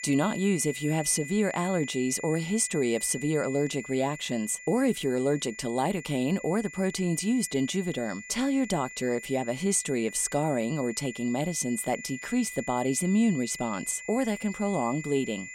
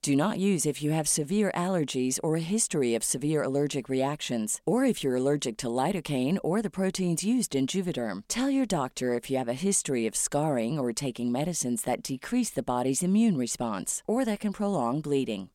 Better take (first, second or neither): second